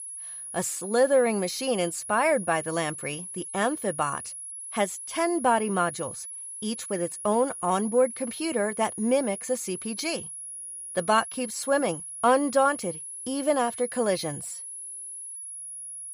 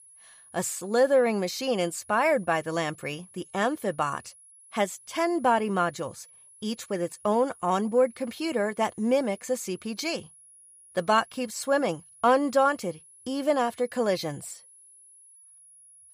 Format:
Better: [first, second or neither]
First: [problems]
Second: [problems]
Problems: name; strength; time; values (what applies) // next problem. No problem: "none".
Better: second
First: high-pitched whine; loud; throughout; 10.5 kHz, 9 dB below the speech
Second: high-pitched whine; faint; throughout; 10.5 kHz, 25 dB below the speech